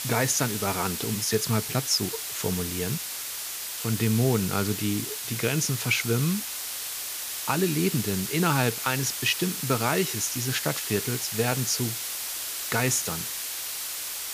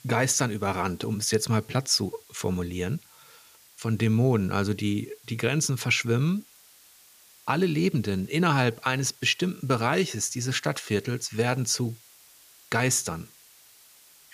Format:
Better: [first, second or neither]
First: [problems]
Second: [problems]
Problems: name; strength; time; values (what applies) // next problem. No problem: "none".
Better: second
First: hiss; loud; throughout; 3 dB below the speech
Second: hiss; faint; throughout; 25 dB below the speech